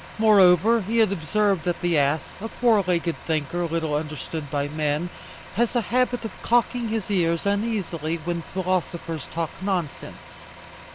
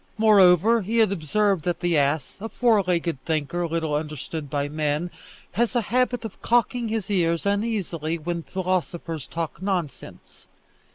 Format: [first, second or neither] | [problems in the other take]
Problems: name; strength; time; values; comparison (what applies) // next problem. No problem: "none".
second | background sound (Truck); 18 dB below the speech